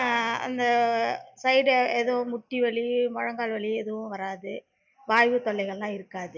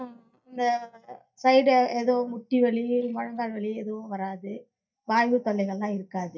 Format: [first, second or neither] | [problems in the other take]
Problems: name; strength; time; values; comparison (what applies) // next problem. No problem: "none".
first | noise reduction (neural mask model DeepFilterNet 3)